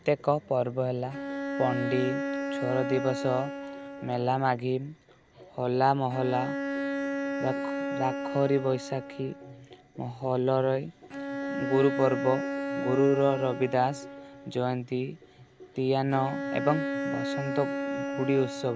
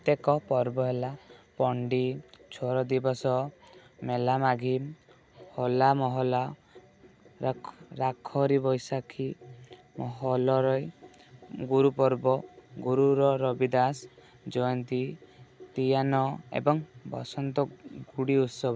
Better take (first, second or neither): second